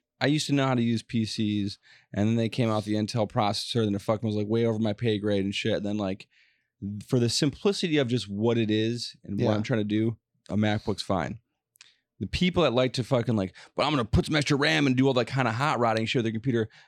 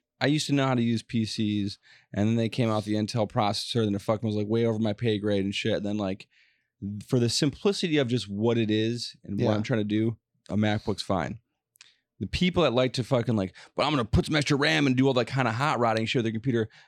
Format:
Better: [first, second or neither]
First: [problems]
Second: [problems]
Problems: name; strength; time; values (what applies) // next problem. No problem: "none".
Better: neither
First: none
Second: none